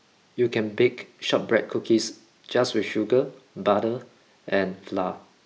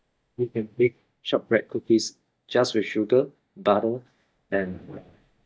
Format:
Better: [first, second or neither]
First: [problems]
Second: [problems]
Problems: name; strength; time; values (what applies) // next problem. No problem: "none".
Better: first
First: none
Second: noise reduction (neural mask model DeepFilterNet 3)